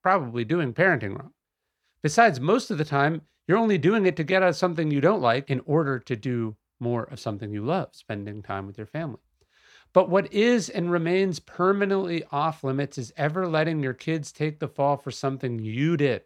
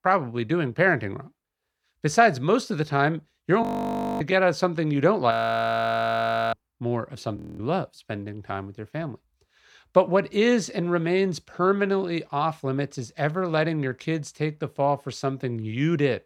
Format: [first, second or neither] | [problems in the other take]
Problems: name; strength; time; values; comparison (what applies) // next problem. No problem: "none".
first | audio freezing; at 3.5 s for 0.5 s, at 5.5 s for 1 s and at 7.5 s